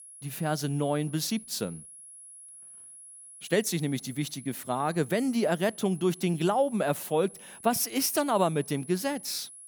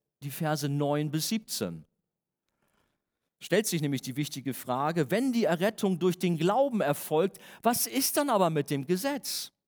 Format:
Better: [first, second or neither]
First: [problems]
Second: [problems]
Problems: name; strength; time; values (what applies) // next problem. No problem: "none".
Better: second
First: high-pitched whine; noticeable; throughout; 10.5 kHz, 15 dB below the speech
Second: none